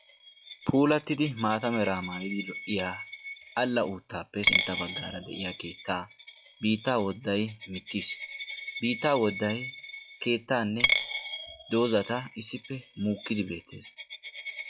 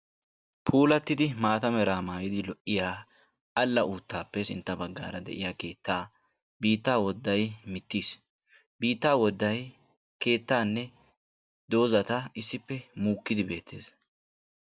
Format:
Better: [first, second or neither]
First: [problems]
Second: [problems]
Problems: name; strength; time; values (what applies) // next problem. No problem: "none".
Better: second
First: noise reduction (classical method log-MMSE)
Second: none